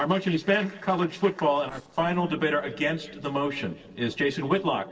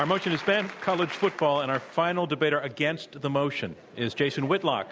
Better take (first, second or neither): second